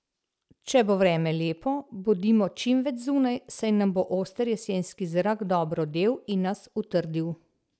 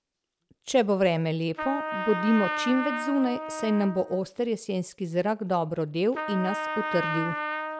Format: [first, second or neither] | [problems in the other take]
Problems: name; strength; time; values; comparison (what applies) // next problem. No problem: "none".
first | background sound (Trumpet); 7 dB below the speech